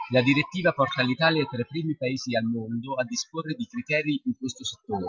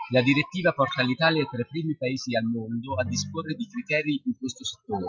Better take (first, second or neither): first